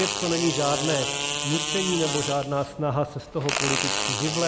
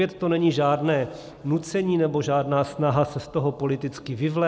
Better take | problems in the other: second | background sound (Fart); 2 dB below the speech

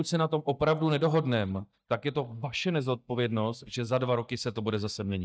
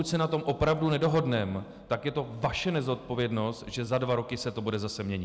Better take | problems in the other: second | noise reduction (neural mask model DeepFilterNet 3)

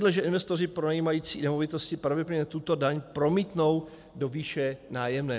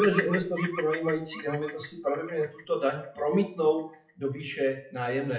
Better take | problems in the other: first | noise reduction (classical method WPE with log-MMSE)

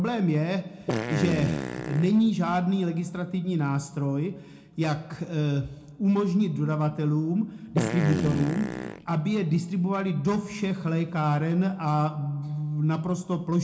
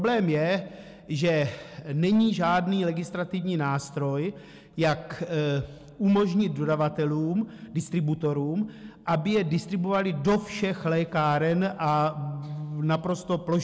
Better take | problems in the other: second | background sound (Fart); 4 dB below the speech // room echo; dies away in 0.3 s

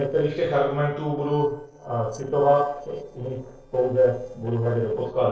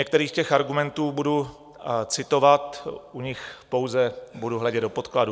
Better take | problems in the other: second | noise reduction (neural separator model SepFormer DNS4)

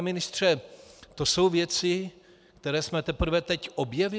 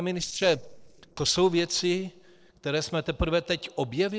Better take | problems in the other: first | noise reduction (neural separator model SepFormer DNS4)

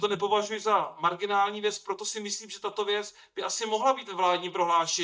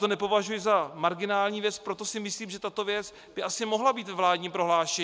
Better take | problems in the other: second | noise reduction (neural mask model DeepFilterNet 3)

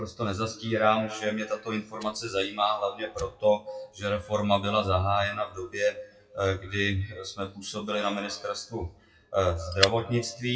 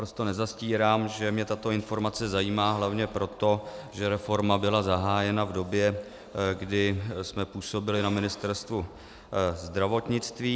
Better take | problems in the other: second | noise reduction (classical method WPE with log-MMSE)

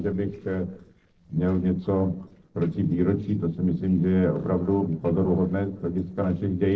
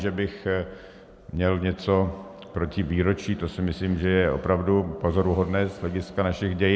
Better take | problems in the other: second | noise reduction (neural separator model SepFormer DNS4)

